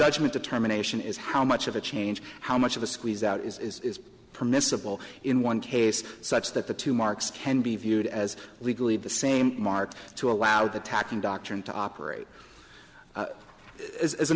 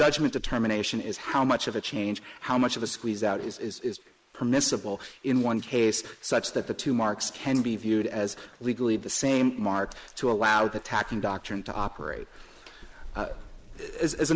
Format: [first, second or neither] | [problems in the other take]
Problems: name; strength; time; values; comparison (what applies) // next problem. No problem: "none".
first | noise reduction (neural mask model Resemble Enhance denoiser)